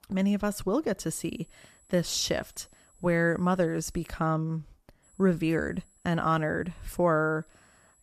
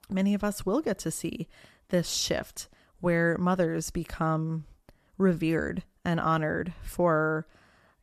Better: second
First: high-pitched whine; faint; from 1 to 4 s and from 5 s on; 7.5 kHz, 30 dB below the speech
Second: none

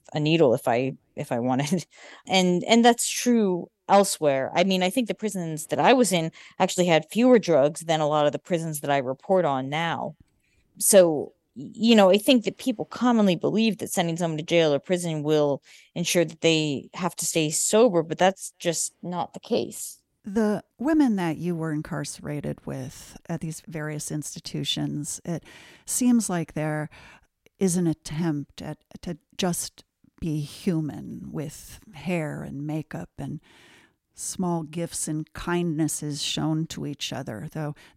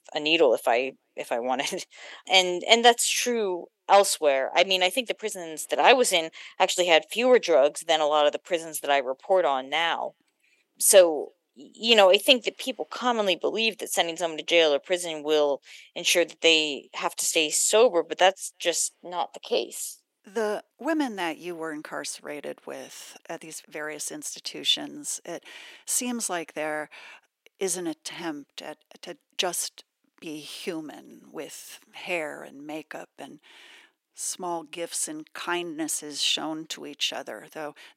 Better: first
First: none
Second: thin; somewhat; fading below 400 Hz

